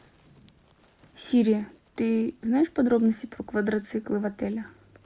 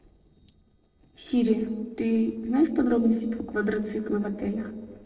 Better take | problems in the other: first | noise reduction (neural separator model SepFormer DNS4)

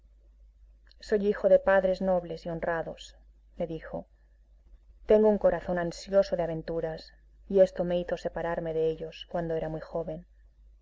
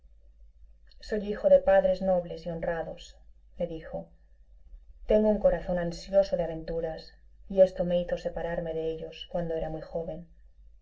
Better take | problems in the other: first | room echo; dies away in 0.2 s

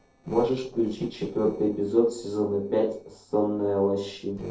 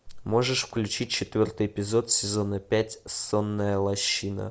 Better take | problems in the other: second | noise reduction (neural separator model SepFormer DNS4)

